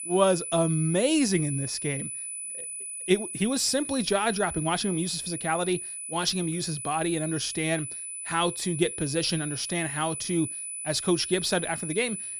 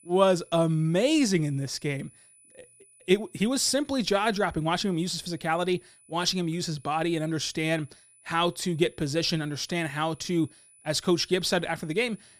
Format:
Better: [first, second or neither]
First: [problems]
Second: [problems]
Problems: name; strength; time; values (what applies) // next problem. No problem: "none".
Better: second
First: high-pitched whine; loud; throughout; 10 kHz, 6 dB below the speech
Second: high-pitched whine; faint; throughout; 10 kHz, 30 dB below the speech